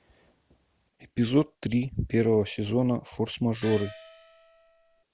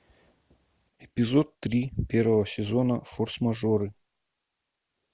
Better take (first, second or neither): second